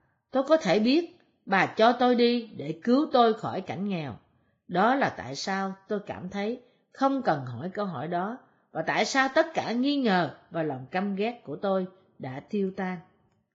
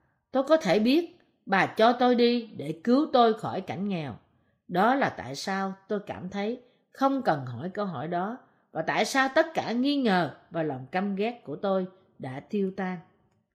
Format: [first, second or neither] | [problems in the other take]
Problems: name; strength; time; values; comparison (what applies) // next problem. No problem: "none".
second | garbled, watery; badly; nothing above 6 kHz; slightly in the second